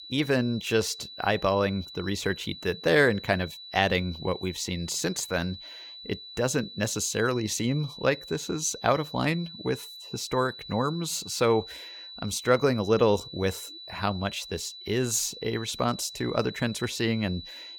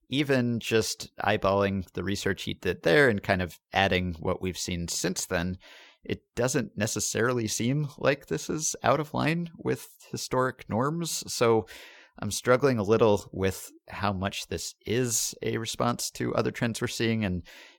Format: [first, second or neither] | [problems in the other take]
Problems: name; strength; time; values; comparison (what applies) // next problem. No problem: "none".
second | high-pitched whine; noticeable; throughout; 4 kHz, 15 dB below the speech